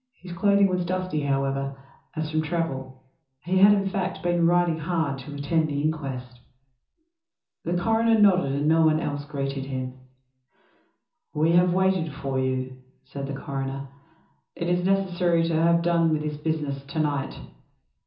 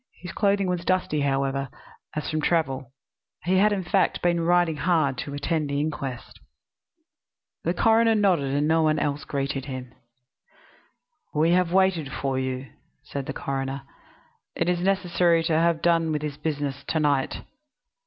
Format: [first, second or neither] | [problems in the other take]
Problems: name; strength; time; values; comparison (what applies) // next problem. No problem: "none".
second | room echo; dies away in 0.6 s